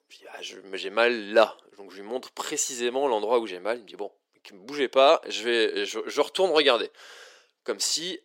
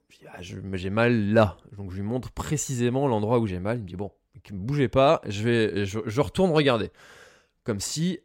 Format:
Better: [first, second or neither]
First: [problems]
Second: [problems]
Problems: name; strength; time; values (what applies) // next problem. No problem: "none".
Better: second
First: thin; very; fading below 350 Hz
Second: none